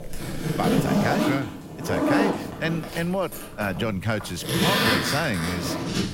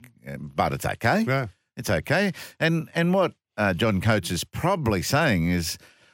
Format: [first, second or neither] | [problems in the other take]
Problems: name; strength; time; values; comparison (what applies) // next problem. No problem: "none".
second | household noises; very loud; throughout; 3 dB above the speech